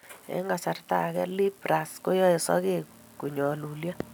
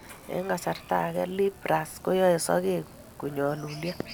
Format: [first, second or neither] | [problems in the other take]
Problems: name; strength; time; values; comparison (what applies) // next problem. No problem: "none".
first | background sound (Chicken, rooster); 20 dB below the speech